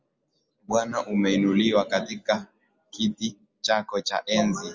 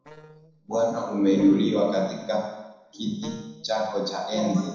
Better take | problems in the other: first | noise reduction (neural separator model SepFormer DNS4)

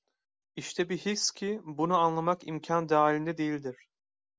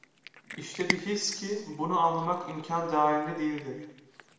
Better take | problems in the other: first | background sound (Cat); 11 dB below the speech // room echo; dies away in 1 s

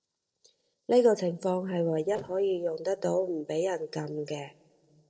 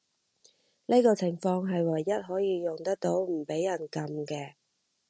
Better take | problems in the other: second | noise reduction (neural separator model SepFormer DNS4)

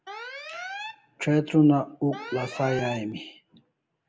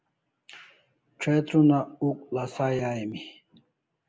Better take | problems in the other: second | background sound (Alarm); 14 dB below the speech

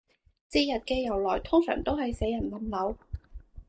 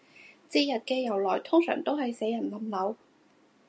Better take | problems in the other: second | noise reduction (neural mask model DeepFilterNet 3)

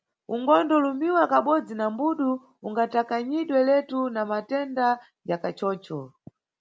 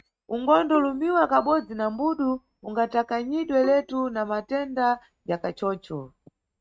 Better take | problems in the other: first | noise reduction (neural mask model RNNoise)

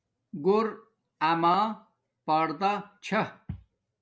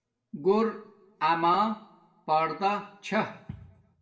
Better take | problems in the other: first | room echo; dies away in 0.6 s

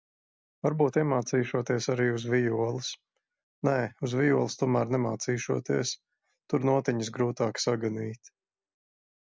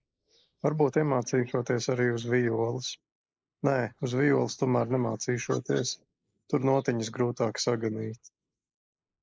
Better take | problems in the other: first | noise reduction (neural mask model Resemble Enhance denoiser)

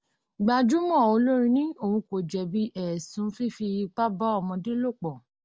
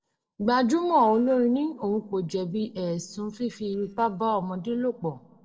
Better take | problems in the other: first | noise reduction (neural separator model SepFormer DNS4)

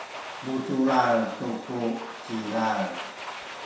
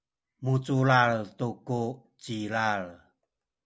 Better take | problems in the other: second | background sound (Domestic sounds, home sounds); 10 dB below the speech // room echo; dies away in 0.7 s

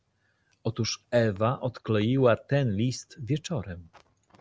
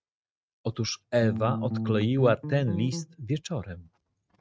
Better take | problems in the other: first | noise reduction (neural mask model RNNoise)

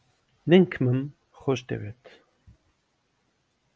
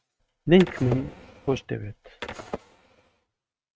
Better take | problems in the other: first | noise reduction (neural mask model RNNoise)

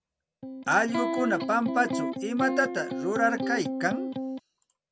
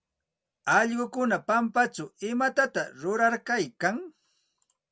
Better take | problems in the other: second | background sound (Electric guitar); 2 dB below the speech

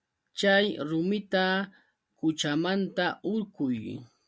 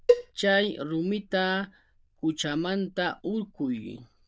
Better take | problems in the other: first | noise reduction (neural diffusion model UNIVERSE++)

